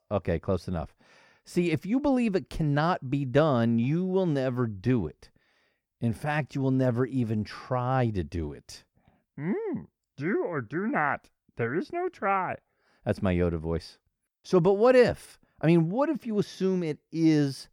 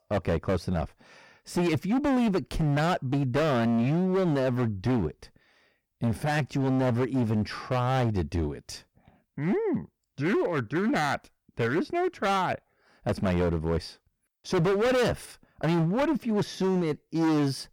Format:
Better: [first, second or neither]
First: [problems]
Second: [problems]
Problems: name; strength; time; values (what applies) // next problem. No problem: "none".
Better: first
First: none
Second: distortion; heavy; 17% of the sound clipped